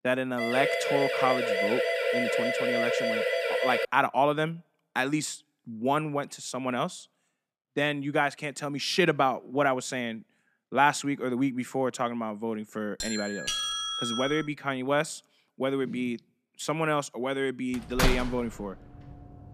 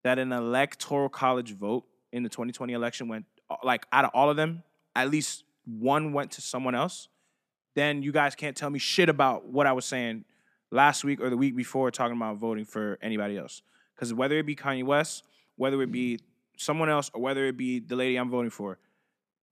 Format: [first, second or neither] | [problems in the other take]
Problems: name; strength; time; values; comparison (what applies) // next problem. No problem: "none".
second | siren; loud; until 4 s; peak 3 dB above the speech // doorbell; loud; from 13 to 14 s; peak 1 dB above the speech // door banging; loud; at 18 s; peak 2 dB above the speech